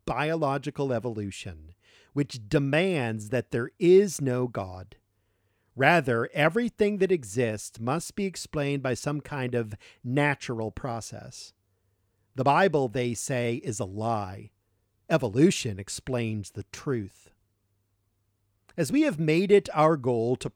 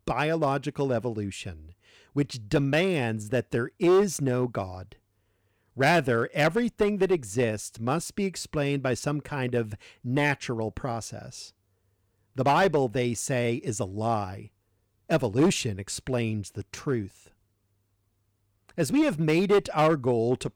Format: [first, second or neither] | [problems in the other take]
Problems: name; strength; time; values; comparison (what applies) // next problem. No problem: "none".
first | distortion; slight; 3% of the sound clipped